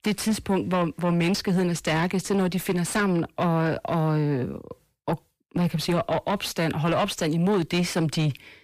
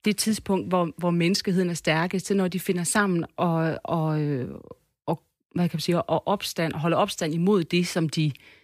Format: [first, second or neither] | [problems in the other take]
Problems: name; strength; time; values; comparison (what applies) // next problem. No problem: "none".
second | distortion; slight; 10 dB below the speech